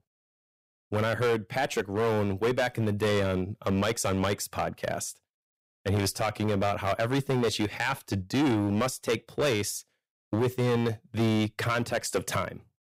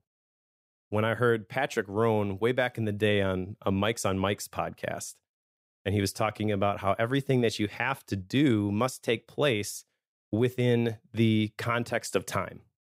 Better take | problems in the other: second | distortion; heavy; 11% of the sound clipped

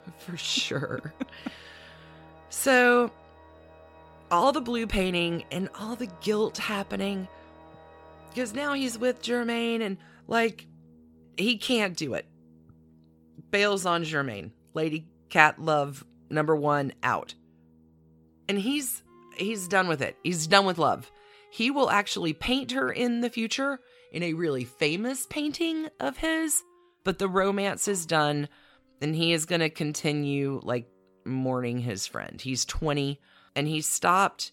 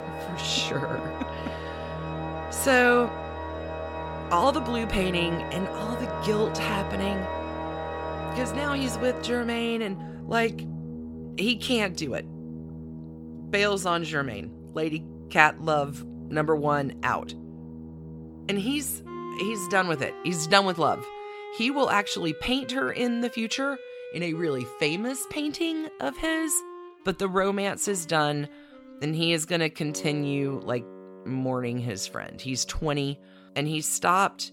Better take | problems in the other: first | background music; loud; throughout; 10 dB below the speech; faint in the first

